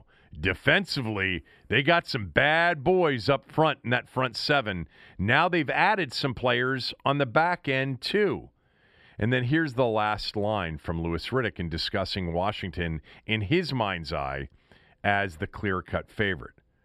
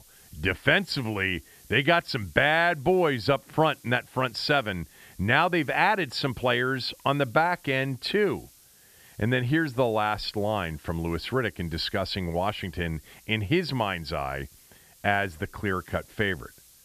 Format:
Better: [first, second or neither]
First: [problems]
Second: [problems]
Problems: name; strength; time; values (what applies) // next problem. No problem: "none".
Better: first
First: none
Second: hiss; faint; throughout; 25 dB below the speech